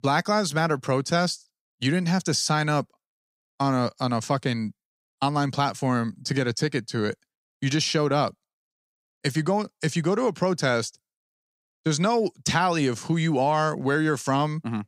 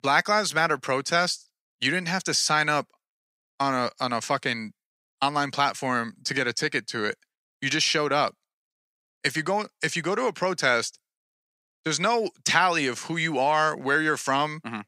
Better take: first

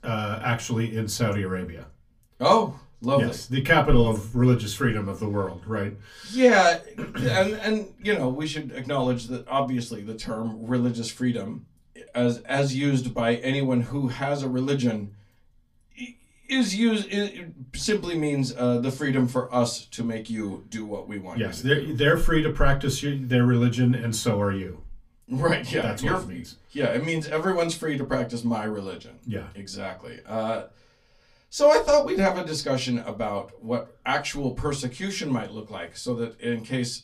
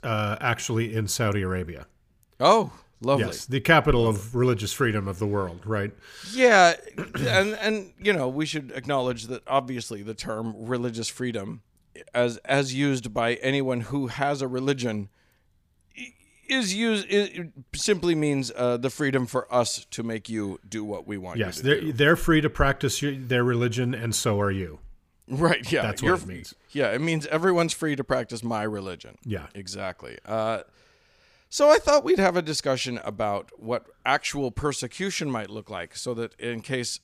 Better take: second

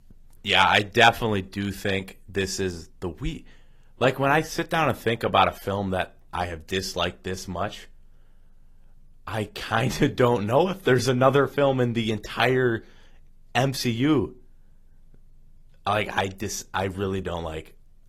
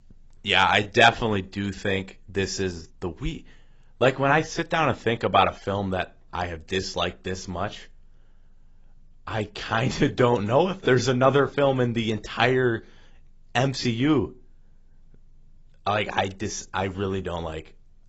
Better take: first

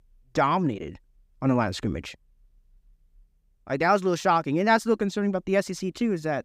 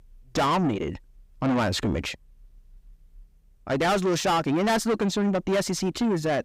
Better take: first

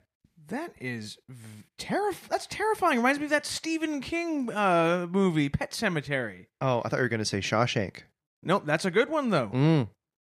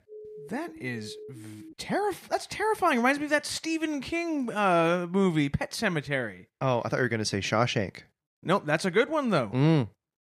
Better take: first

